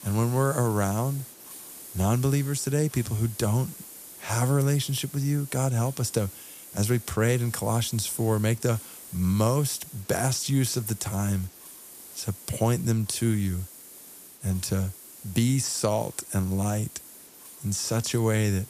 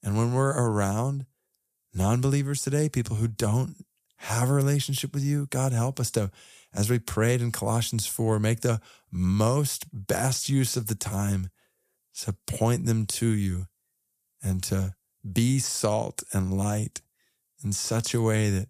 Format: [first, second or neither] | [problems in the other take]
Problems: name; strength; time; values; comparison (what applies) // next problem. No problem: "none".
second | hiss; noticeable; throughout; 15 dB below the speech